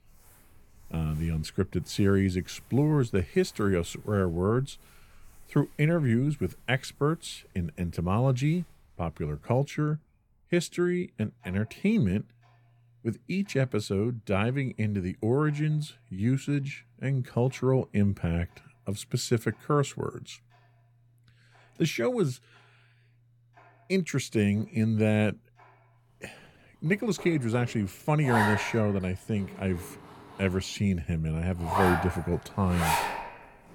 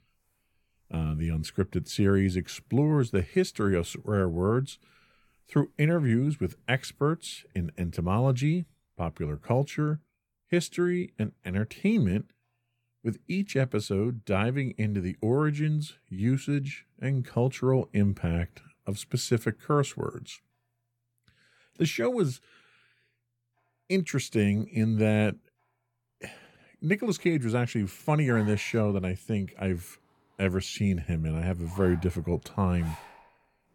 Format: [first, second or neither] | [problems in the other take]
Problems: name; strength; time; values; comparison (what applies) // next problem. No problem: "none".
second | household noises; loud; throughout; 5 dB below the speech; faint in the second